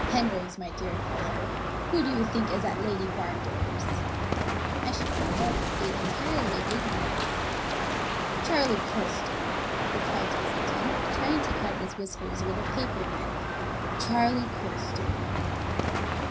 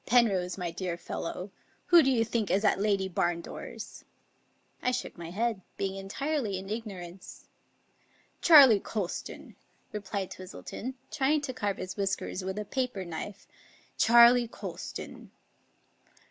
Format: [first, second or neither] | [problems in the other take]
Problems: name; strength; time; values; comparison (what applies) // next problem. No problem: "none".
second | background sound (Crow); 4 dB above the speech // room echo; dies away in 0.4 s